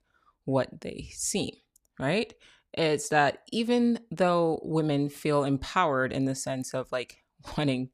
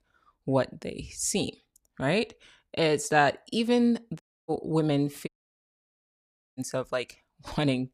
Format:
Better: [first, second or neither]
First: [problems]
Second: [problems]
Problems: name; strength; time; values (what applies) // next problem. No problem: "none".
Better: first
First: none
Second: audio cutting out; at 4 s and at 5.5 s for 1.5 s